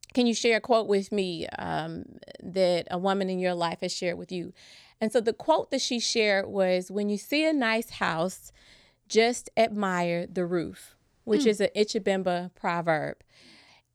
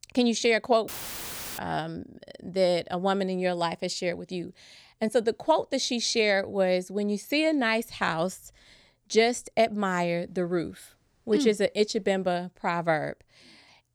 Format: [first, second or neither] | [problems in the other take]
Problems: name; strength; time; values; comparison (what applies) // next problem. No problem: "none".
first | audio cutting out; filled with static; at 1 s for 0.5 s